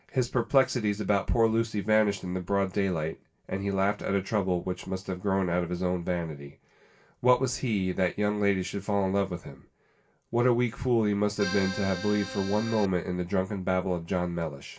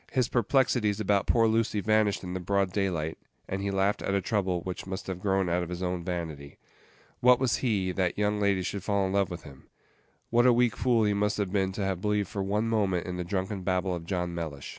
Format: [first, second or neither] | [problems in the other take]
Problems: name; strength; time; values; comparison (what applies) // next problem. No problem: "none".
second | background sound (Accordion); 9 dB below the speech // room echo; dies away in 0.2 s